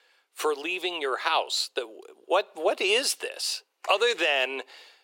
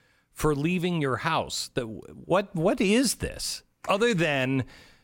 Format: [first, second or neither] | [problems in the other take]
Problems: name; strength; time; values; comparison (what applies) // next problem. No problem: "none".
second | thin; very; fading below 400 Hz